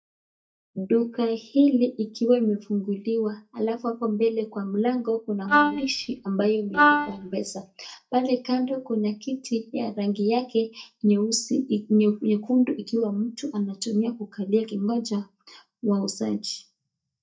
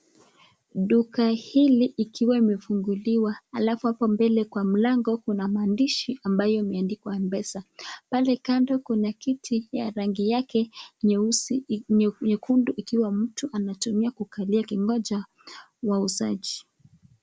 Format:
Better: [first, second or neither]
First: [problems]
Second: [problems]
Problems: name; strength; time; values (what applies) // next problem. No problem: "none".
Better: second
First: noise reduction (neural mask model DeepFilterNet 3)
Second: none